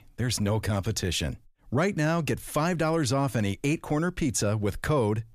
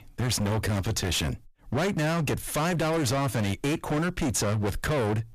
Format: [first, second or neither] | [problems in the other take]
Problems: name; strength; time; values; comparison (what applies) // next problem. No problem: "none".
first | distortion; heavy; 34% of the sound clipped